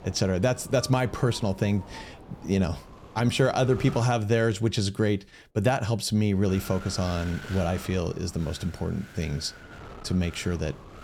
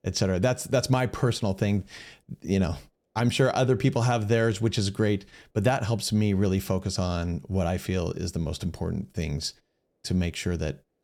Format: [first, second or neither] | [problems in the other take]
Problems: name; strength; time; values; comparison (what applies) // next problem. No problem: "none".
second | wind noise on the microphone; occasional gusts; until 4 s and from 6.5 s on; 15 dB below the speech